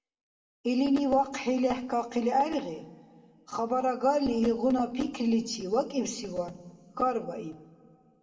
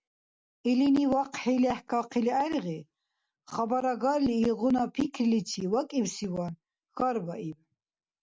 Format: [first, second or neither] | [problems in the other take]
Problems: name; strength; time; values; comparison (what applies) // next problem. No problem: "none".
second | room echo; dies away in 1.1 s